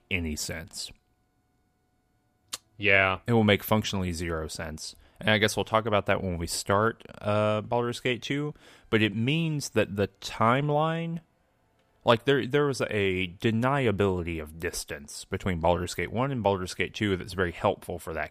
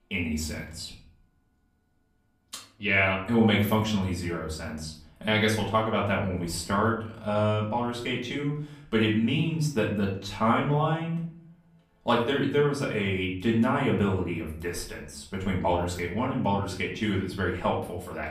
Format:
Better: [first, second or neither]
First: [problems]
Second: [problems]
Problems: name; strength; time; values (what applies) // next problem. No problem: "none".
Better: first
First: none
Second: off-mic speech; far // room echo; slight; dies away in 0.5 s